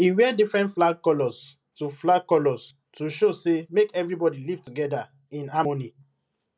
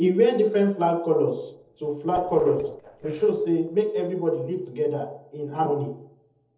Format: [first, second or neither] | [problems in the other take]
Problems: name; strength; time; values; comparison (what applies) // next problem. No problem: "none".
first | noise reduction (neural separator model SepFormer DNS4)